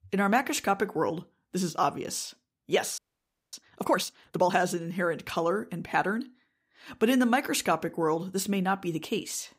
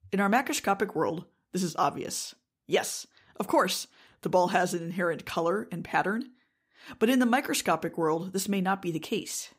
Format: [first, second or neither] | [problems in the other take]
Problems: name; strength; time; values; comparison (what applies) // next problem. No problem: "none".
second | audio freezing; at 3 s for 0.5 s